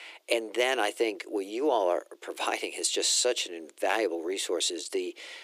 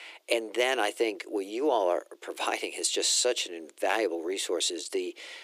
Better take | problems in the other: neither | thin; very; fading below 300 Hz; the same in both

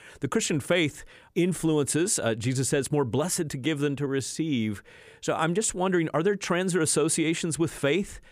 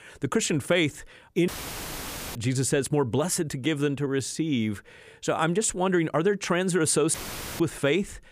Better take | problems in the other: first | audio cutting out; filled with static; at 1.5 s for 1 s and at 7 s

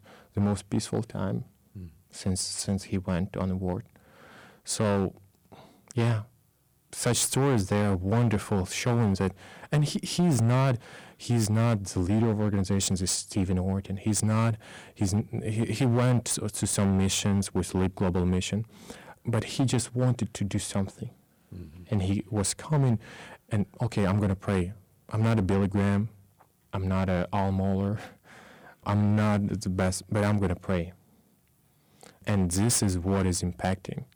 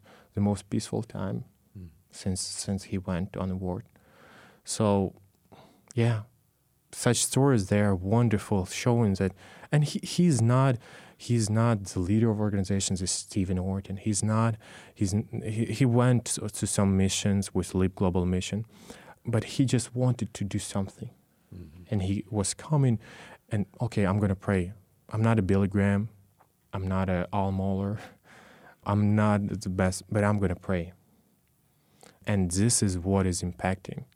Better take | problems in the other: second | distortion; slight; 10% of the sound clipped

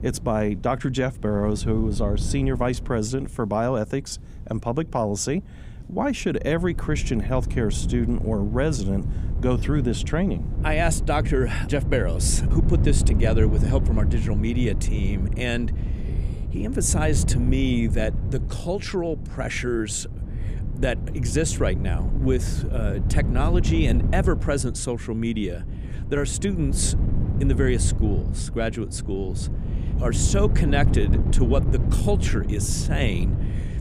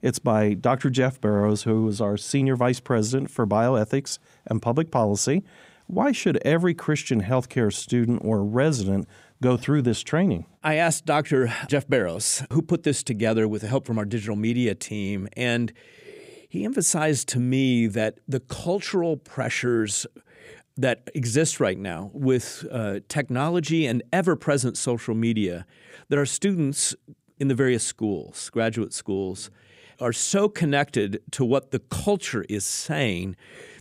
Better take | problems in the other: second | wind noise on the microphone; occasional gusts; 10 dB below the speech

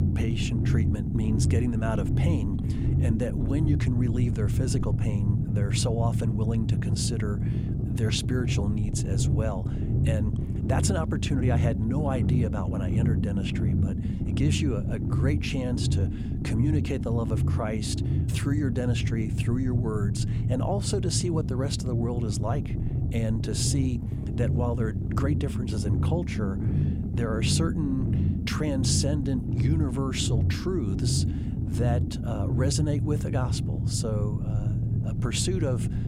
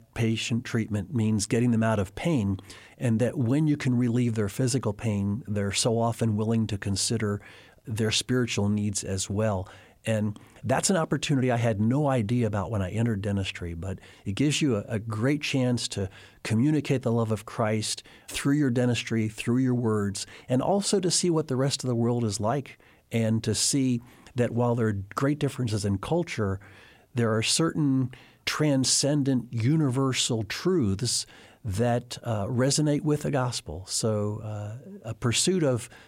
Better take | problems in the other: second | low rumble; loud; throughout; 4 dB below the speech

